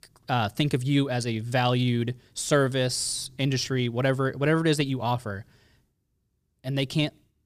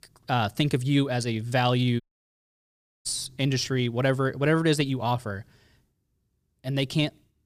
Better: first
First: none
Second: audio cutting out; at 2 s for 1 s

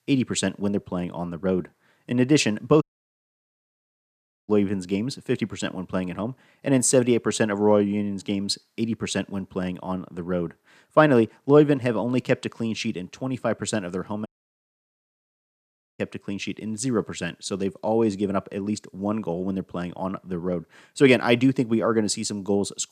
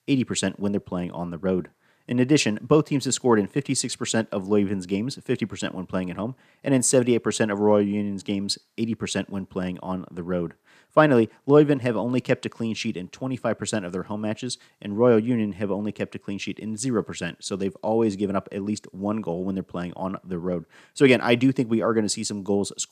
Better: second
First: audio cutting out; at 3 s for 1.5 s and at 14 s for 1.5 s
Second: none

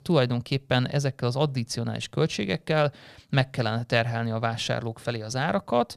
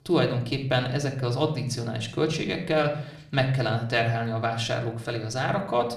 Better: first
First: none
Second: room echo; slight; dies away in 0.5 s // off-mic speech; somewhat distant

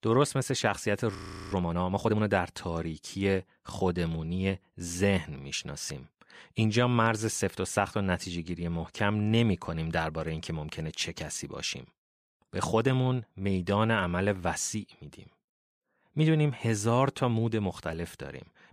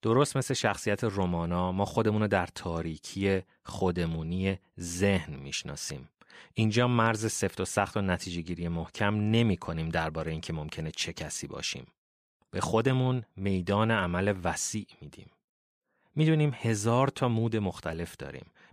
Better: second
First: audio freezing; at 1 s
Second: none

